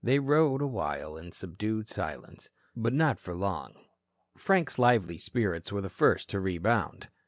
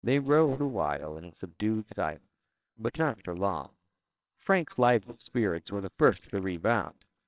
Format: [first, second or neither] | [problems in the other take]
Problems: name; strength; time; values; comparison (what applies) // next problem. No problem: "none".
first | noise reduction (neural separator model SepFormer WHAMR!)